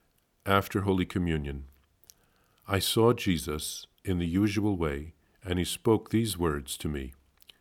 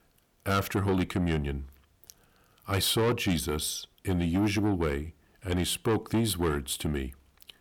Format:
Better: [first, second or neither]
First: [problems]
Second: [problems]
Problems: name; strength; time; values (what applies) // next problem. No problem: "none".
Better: first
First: none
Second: distortion; heavy; 7 dB below the speech